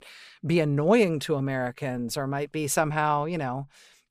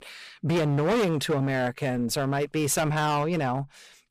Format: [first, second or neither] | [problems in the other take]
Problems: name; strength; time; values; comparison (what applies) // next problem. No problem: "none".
first | distortion; heavy; 16% of the sound clipped